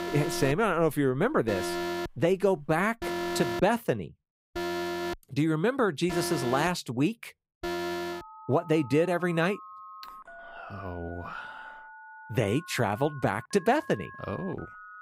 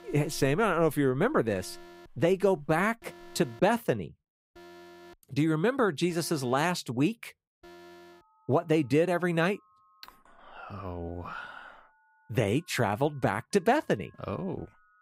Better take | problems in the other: second | alarms or sirens; loud; throughout; 9 dB below the speech; faint in the second

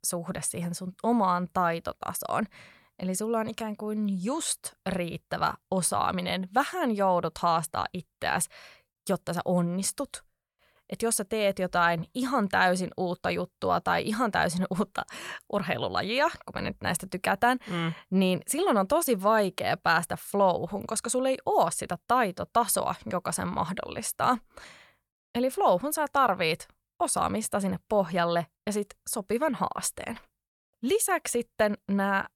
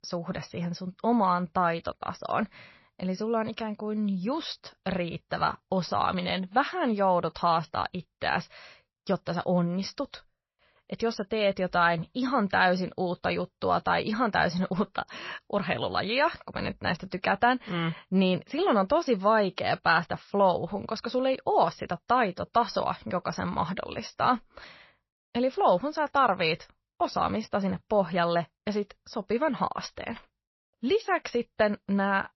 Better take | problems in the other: first | garbled, watery; slightly; nothing above 5.5 kHz

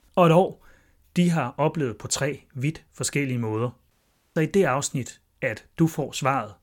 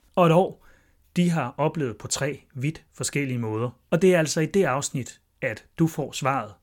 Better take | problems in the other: second | audio cutting out; at 4 s

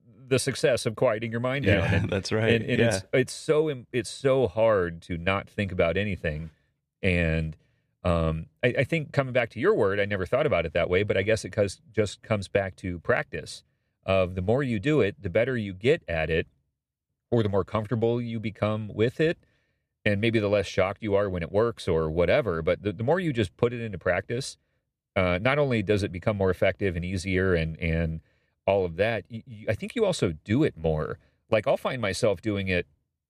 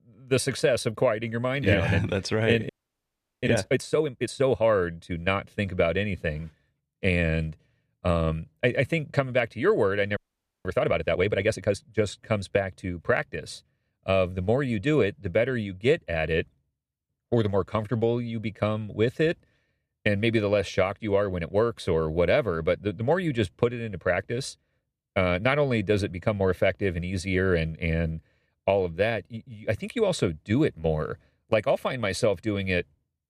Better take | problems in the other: first | audio freezing; at 2.5 s for 0.5 s and at 10 s

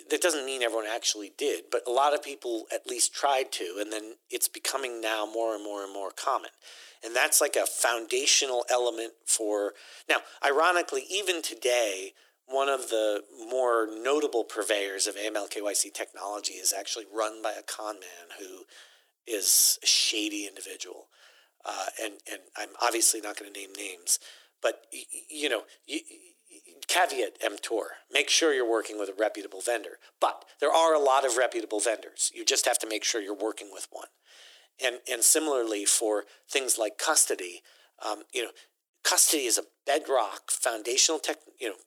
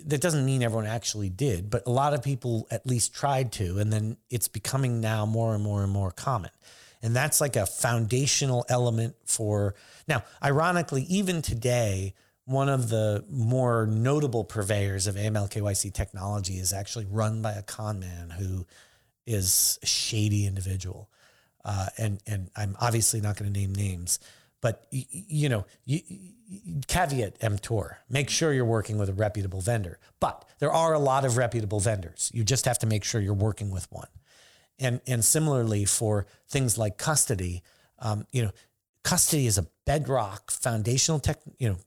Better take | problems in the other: second | thin; very; fading below 300 Hz

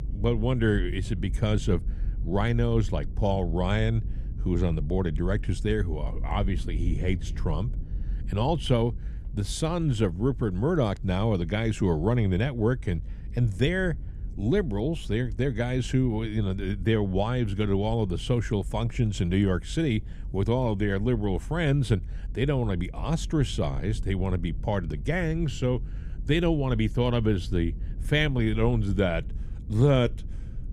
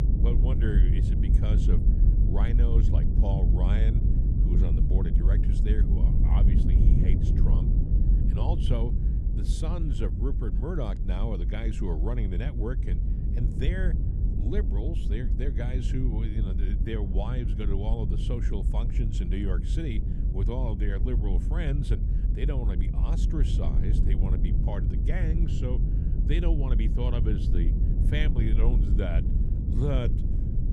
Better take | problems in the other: first | low rumble; loud; throughout; 3 dB below the speech; faint in the first

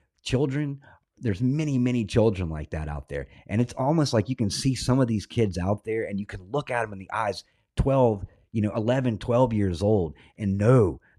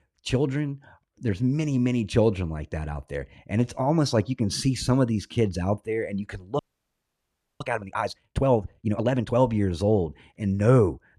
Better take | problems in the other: first | audio freezing; at 6.5 s for 1 s

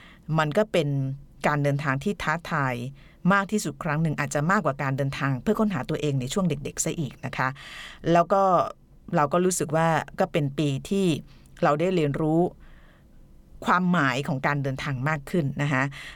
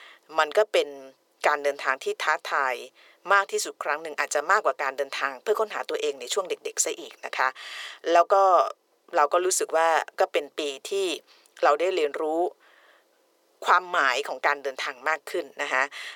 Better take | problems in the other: first | thin; very; fading below 400 Hz

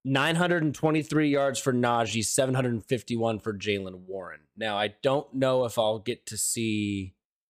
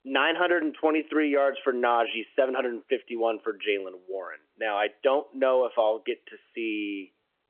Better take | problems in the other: first | phone-call audio; nothing above 3.5 kHz

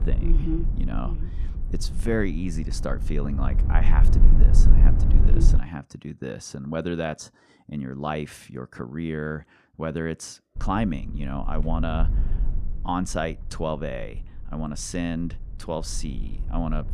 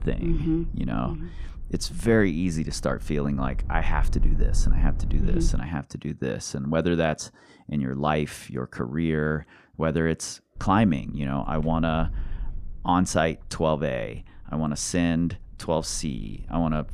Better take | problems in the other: second | low rumble; loud; until 5.5 s and from 11 s on; 10 dB below the speech; faint in the second

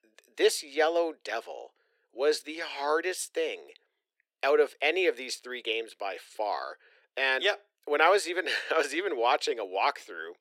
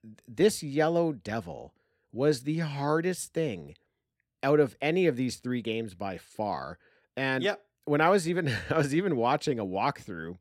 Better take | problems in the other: second | thin; very; fading below 400 Hz

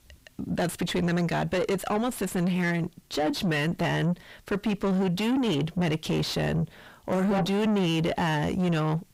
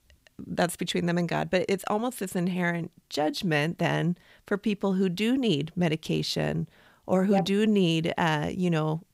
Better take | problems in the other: second | distortion; heavy; 6 dB below the speech

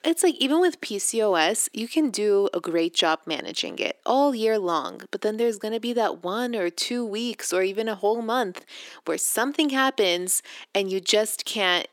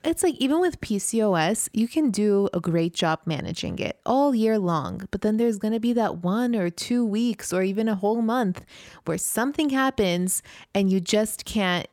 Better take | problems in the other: second | thin; somewhat; fading below 300 Hz

